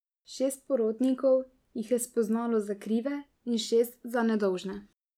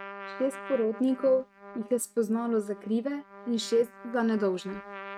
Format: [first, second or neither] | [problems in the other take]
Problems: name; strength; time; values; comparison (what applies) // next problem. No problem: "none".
first | noise reduction (neural mask model RNNoise)